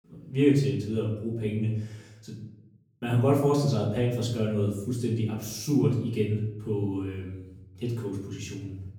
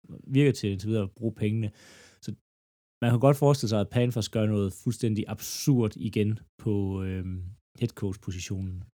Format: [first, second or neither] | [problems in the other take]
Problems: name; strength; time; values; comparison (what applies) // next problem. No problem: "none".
second | off-mic speech; far // room echo; noticeable; dies away in 0.7 s